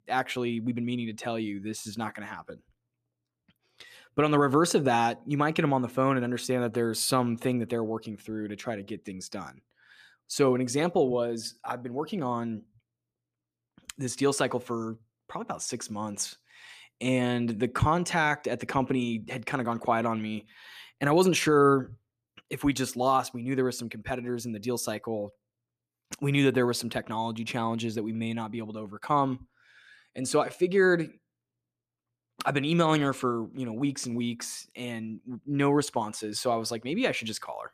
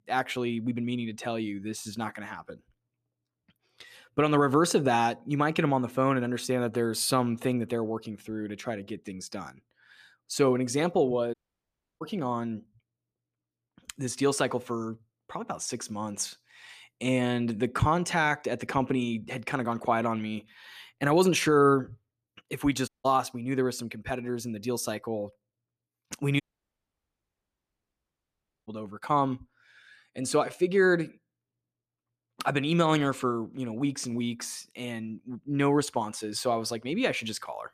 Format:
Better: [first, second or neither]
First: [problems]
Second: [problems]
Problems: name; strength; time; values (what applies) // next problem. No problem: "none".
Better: first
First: none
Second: audio cutting out; at 11 s for 0.5 s, at 23 s and at 26 s for 2.5 s